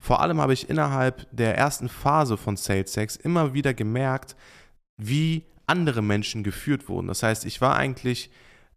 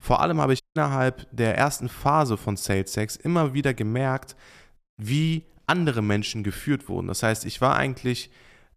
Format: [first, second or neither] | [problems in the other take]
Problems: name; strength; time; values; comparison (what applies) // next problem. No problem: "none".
first | audio cutting out; at 0.5 s